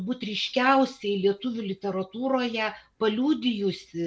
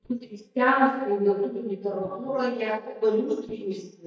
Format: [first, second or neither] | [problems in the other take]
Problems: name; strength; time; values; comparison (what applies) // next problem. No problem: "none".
first | noise reduction (neural mask model DeepFilterNet 3)